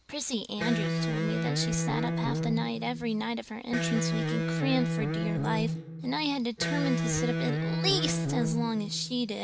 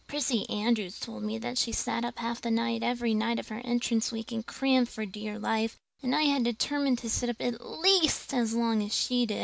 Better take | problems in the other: second | background sound (Electric guitar); 1 dB above the speech

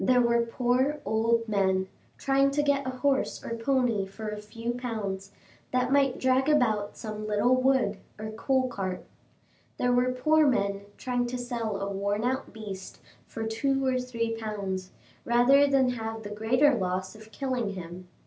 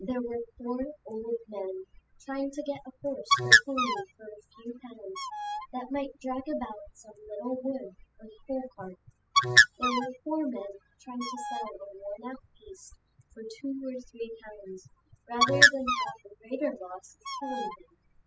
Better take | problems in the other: first | noise reduction (classical method spectral subtraction)

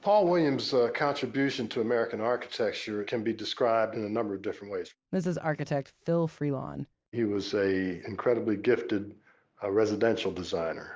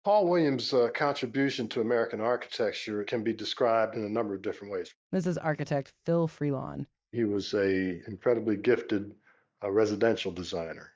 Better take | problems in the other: first | noise reduction (neural mask model DeepFilterNet 3)

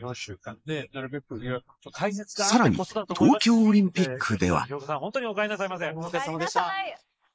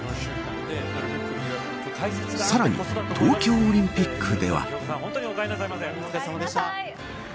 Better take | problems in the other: second | noise reduction (neural mask model Resemble Enhance denoiser)

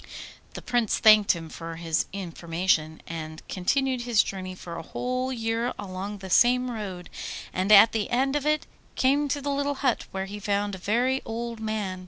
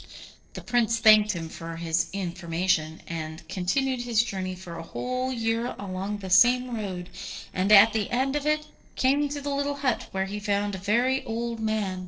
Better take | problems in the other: first | noise reduction (neural separator model SepFormer DNS4)

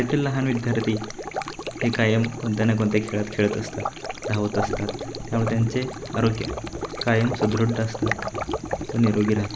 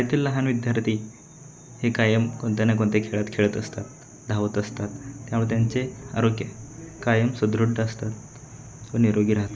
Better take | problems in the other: second | background sound (Stream); 7 dB below the speech

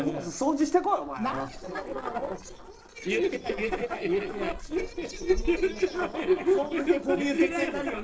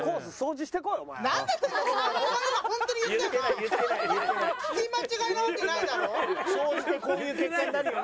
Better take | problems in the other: second | noise reduction (neural separator model SepFormer DNS4)

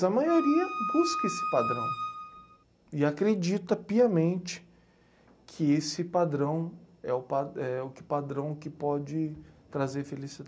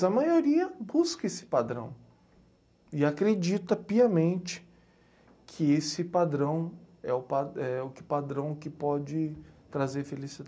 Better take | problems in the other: second | background sound (Wind instrument, woodwind instrument); 4 dB below the speech

